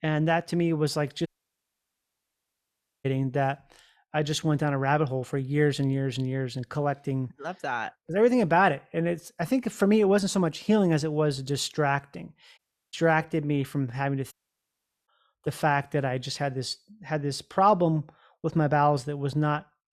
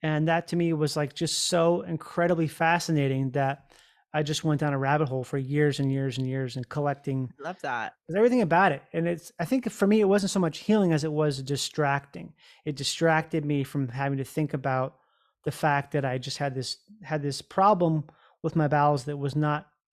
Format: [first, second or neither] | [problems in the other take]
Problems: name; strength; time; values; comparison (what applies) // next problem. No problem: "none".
second | audio cutting out; at 1.5 s for 2 s, at 13 s and at 14 s for 1 s